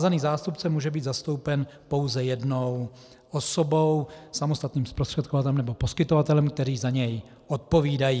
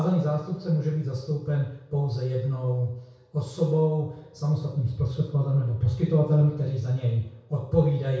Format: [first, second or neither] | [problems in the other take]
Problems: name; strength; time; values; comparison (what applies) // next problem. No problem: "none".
first | room echo; dies away in 0.6 s